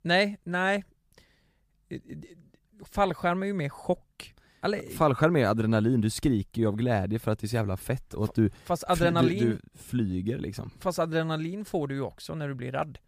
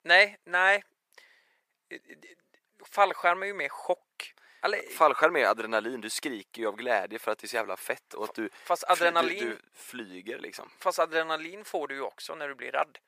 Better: first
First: none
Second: thin; very; fading below 450 Hz

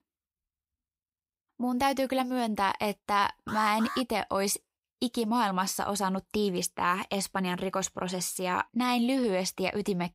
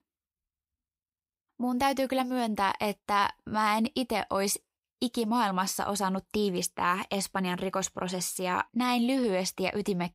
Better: second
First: alarm; noticeable; at 3.5 s; peak 7 dB below the speech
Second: none

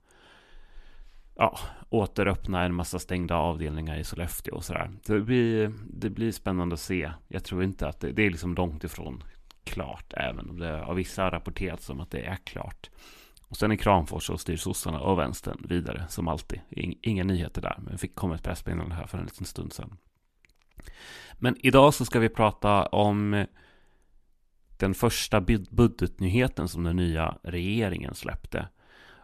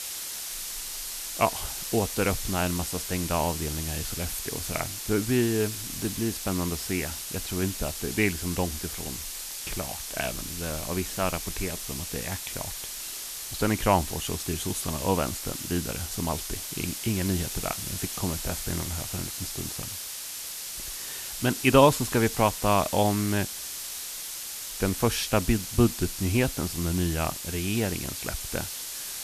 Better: first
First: none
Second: hiss; loud; throughout; 5 dB below the speech

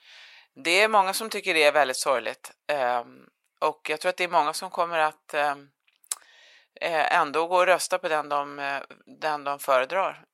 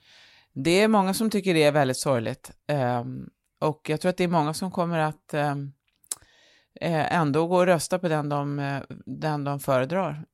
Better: second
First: thin; very; fading below 650 Hz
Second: none

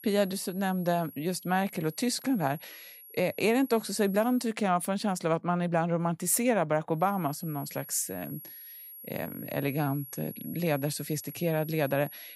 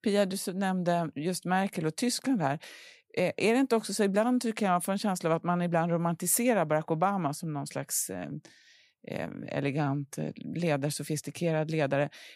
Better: second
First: high-pitched whine; noticeable; until 4.5 s and from 7 s on; 11.5 kHz, 15 dB below the speech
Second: none

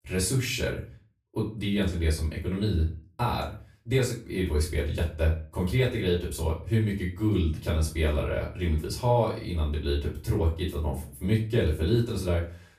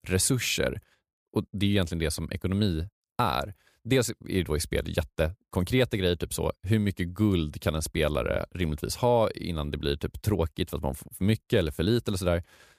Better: second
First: off-mic speech; far // room echo; slight; dies away in 0.3 s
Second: none

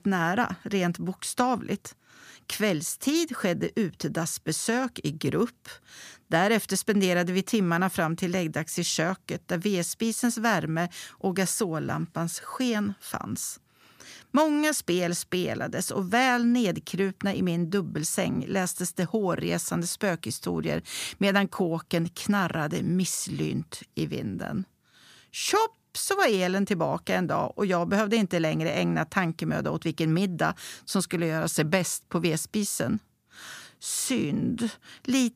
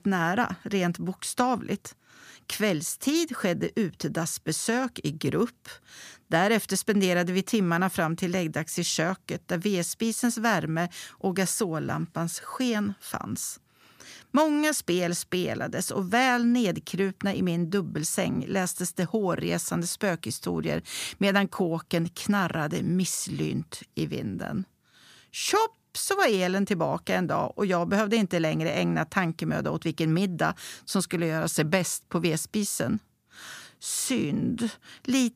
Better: neither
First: none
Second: none

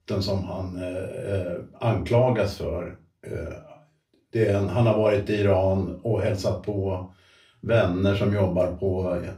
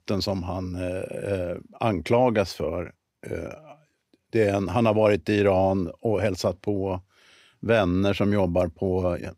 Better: second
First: room echo; slight; dies away in 0.3 s // off-mic speech; far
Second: none

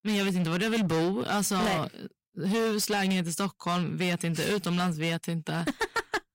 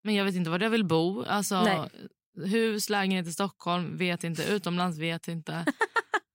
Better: second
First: distortion; heavy; 20% of the sound clipped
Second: none

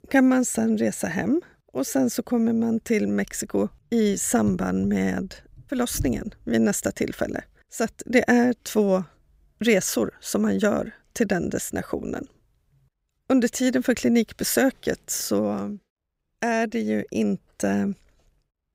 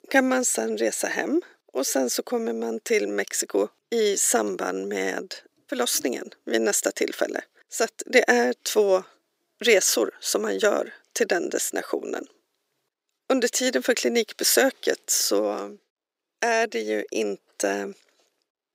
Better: first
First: none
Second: thin; somewhat; fading below 350 Hz

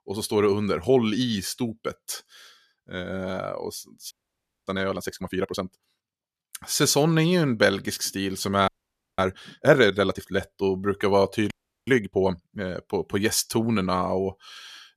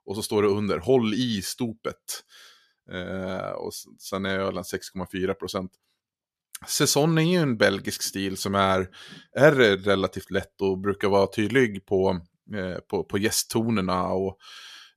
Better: second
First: audio freezing; at 4 s for 0.5 s, at 8.5 s for 0.5 s and at 12 s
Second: none

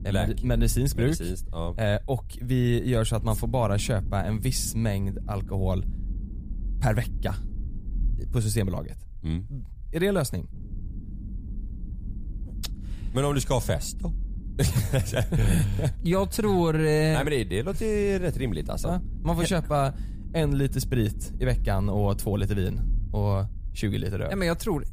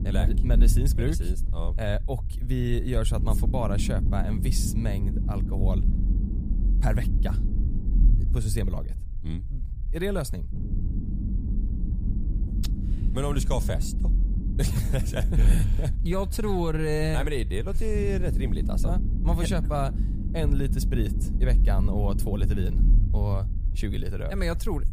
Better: first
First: low rumble; faint; throughout; 20 dB below the speech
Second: low rumble; loud; throughout; 9 dB below the speech

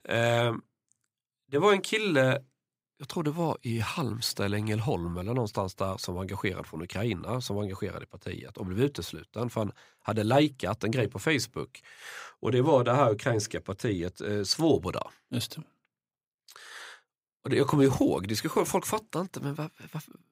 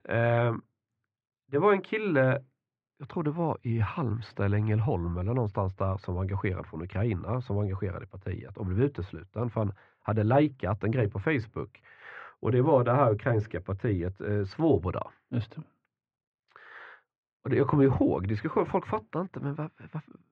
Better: first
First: none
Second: muffled; very; fading above 2 kHz

